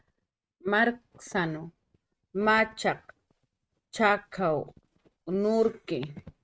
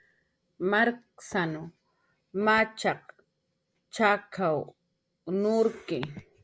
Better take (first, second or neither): second